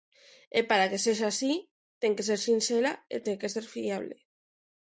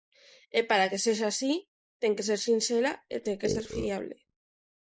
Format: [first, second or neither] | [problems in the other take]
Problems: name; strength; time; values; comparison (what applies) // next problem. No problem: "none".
first | noise reduction (neural mask model Resemble Enhance denoiser)